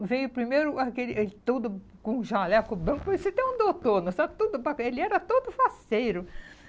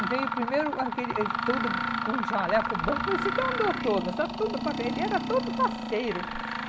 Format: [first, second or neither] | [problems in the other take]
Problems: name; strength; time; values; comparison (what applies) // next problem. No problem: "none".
first | background sound (Mechanisms); 1 dB below the speech